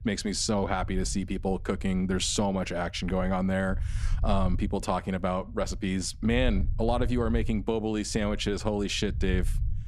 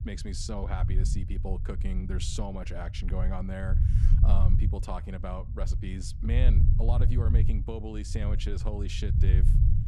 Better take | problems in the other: first | low rumble; loud; throughout; 5 dB below the speech; faint in the first

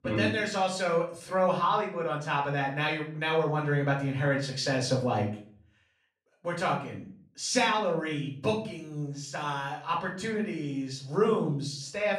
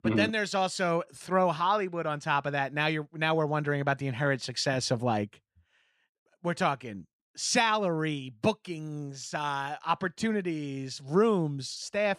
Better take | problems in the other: second | off-mic speech; far // room echo; slight; dies away in 0.4 s

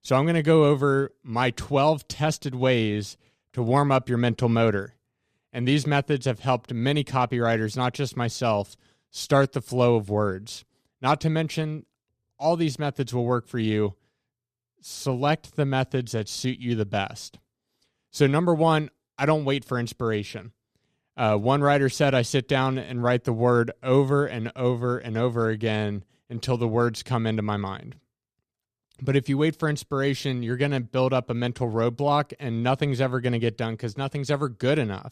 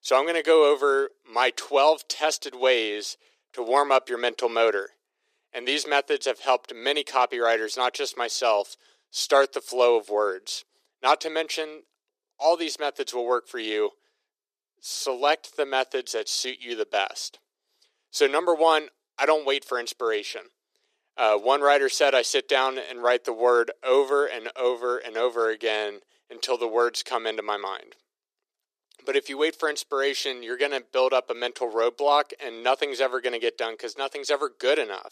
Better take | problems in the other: first | thin; very; fading below 350 Hz

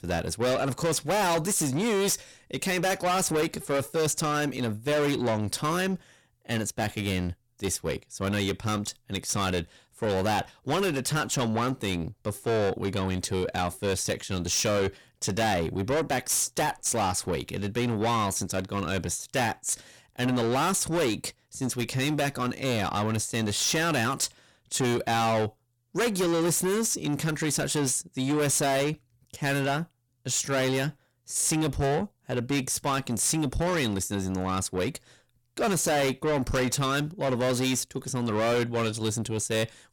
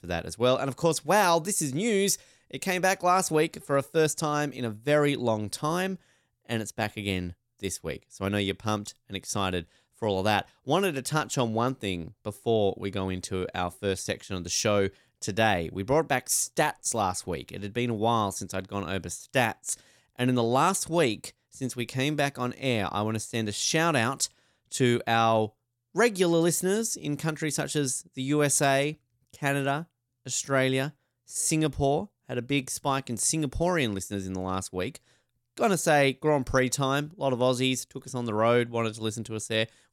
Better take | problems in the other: second | distortion; heavy; 6 dB below the speech

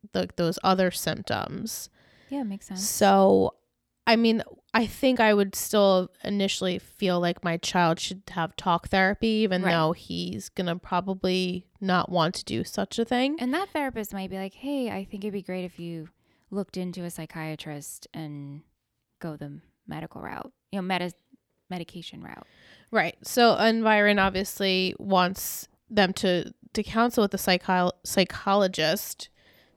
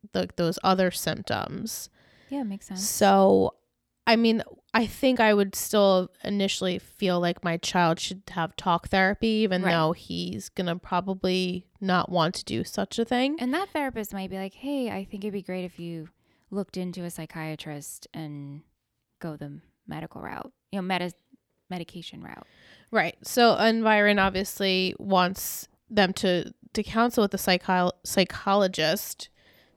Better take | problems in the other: neither | none

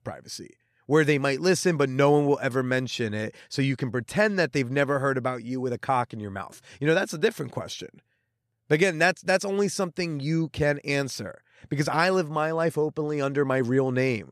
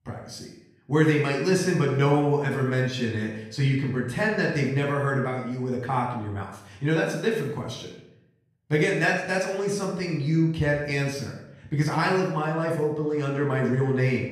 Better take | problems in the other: first | off-mic speech; far // room echo; noticeable; dies away in 0.7 s

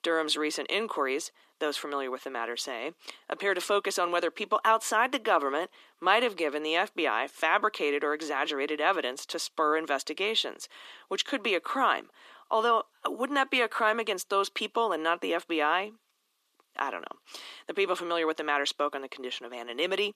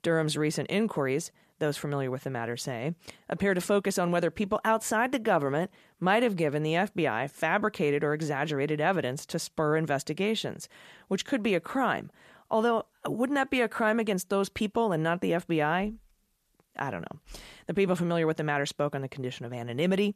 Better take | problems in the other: second | thin; somewhat; fading below 250 Hz

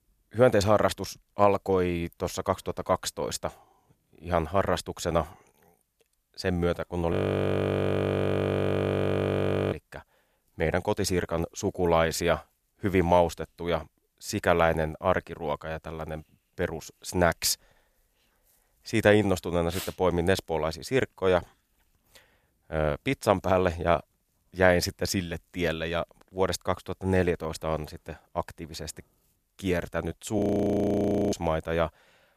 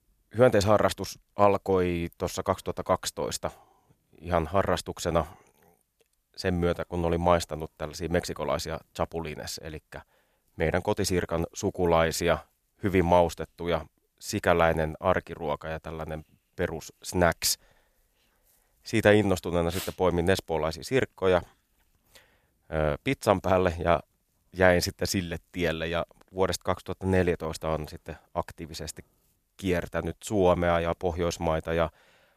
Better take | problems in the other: second | audio freezing; at 7 s for 2.5 s and at 30 s for 1 s

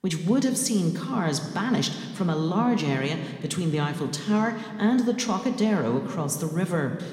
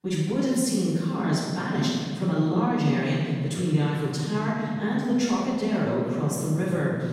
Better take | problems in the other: first | room echo; strong; dies away in 2.7 s; slight in the first // off-mic speech; far

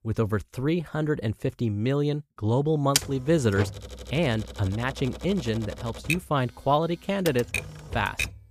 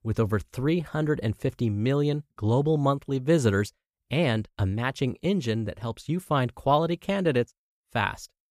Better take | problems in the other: second | keyboard typing; loud; from 3 s on; peak 1 dB above the speech

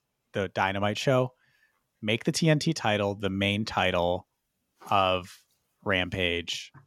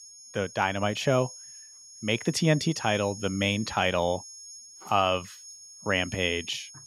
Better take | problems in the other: first | high-pitched whine; noticeable; throughout; 6.5 kHz, 15 dB below the speech

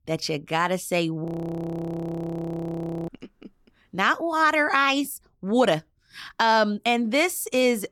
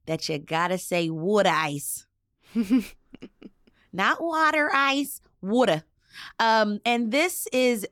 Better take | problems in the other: second | audio freezing; at 1.5 s for 2 s

